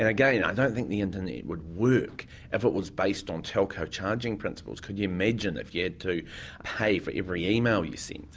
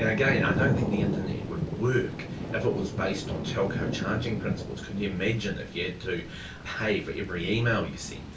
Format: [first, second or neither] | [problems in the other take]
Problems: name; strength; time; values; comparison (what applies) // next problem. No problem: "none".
first | background sound (Thunder / Rain); 3 dB below the speech // room echo; dies away in 0.3 s